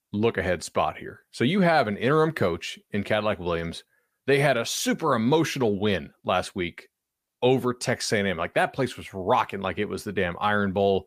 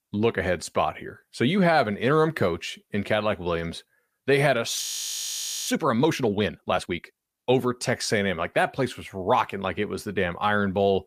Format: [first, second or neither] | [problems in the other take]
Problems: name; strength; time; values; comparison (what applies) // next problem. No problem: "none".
first | audio freezing; at 5 s for 1 s